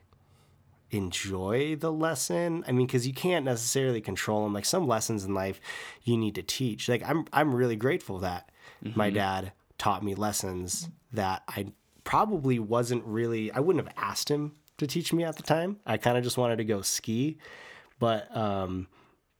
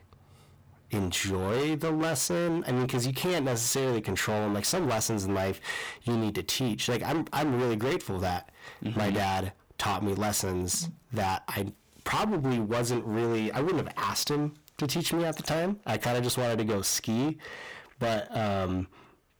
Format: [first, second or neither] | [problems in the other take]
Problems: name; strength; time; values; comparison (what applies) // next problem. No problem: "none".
first | distortion; heavy; 24% of the sound clipped